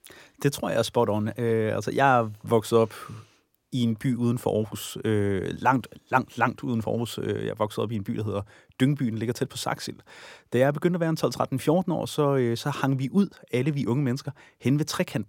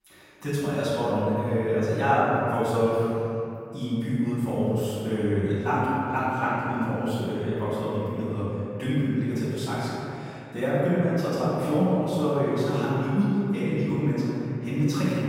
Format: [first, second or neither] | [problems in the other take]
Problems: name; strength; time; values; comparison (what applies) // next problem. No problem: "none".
first | room echo; strong; dies away in 2.5 s // off-mic speech; far